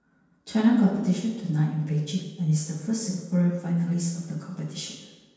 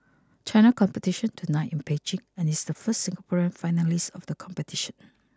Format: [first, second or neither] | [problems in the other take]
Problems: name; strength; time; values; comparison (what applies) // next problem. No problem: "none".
second | room echo; dies away in 1.2 s